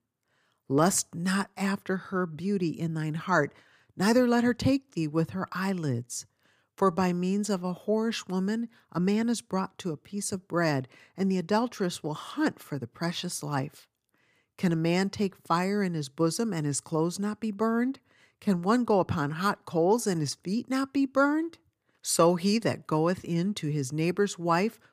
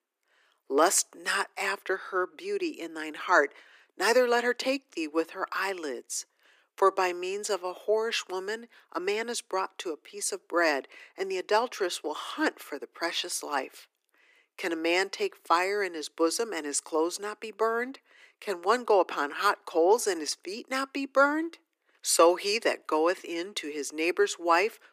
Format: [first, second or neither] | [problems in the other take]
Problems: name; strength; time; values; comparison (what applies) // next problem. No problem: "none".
first | thin; very; fading below 350 Hz